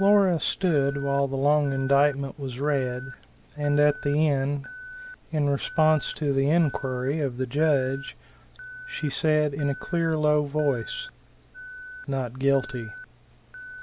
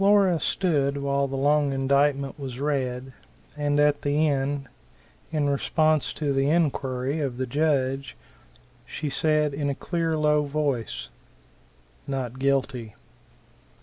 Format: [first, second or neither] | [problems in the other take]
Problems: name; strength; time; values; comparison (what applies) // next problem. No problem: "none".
second | background sound (Alarm); 17 dB below the speech